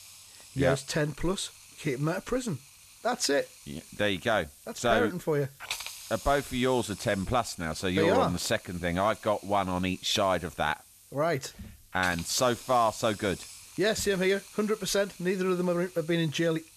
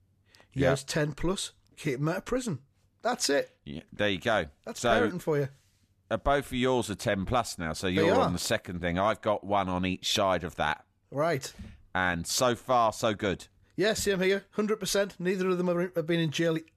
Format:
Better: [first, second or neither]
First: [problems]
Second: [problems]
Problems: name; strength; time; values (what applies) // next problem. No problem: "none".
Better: second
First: hiss; noticeable; throughout; 15 dB below the speech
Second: none